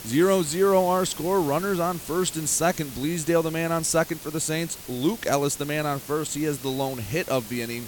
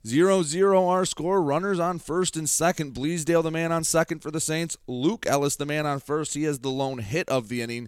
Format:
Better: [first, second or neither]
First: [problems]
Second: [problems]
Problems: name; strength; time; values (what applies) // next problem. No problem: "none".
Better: second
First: hiss; noticeable; throughout; 15 dB below the speech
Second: none